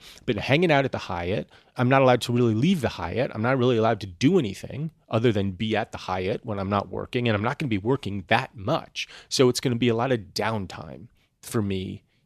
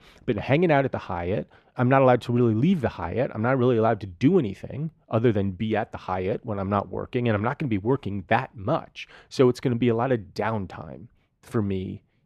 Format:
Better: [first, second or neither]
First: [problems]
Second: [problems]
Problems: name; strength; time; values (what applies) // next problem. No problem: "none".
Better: first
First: none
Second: muffled; slightly; fading above 3 kHz